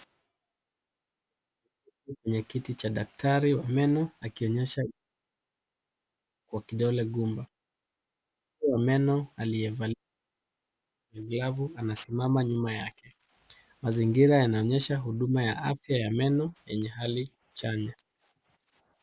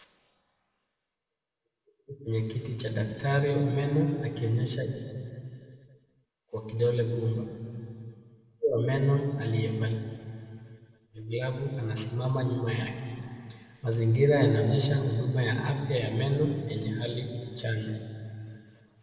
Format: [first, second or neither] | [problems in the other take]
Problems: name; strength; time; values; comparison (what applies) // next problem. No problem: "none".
first | room echo; dies away in 2.5 s